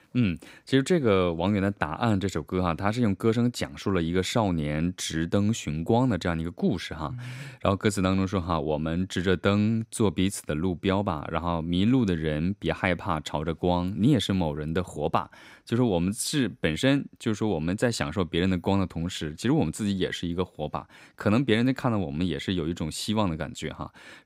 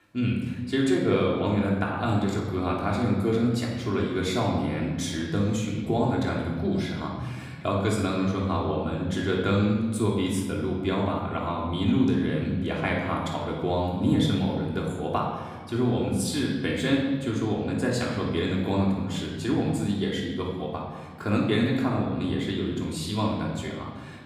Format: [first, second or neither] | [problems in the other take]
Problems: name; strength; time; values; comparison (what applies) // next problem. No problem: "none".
first | room echo; noticeable; dies away in 1.3 s // off-mic speech; far